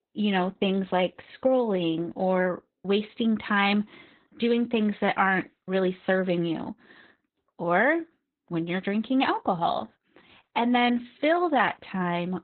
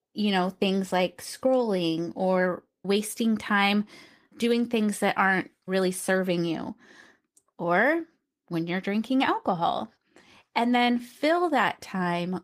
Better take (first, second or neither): second